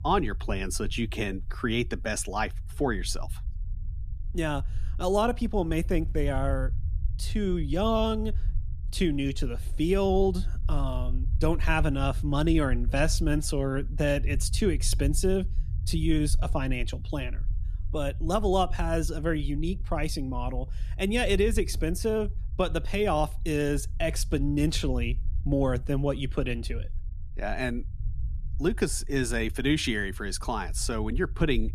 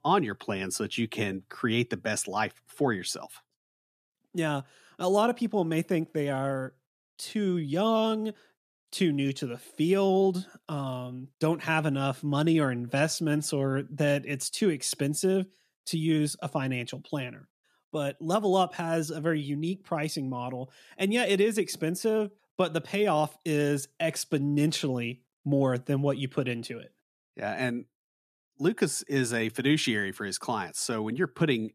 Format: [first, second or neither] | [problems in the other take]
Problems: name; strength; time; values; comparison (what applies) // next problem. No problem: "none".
second | low rumble; faint; throughout; 25 dB below the speech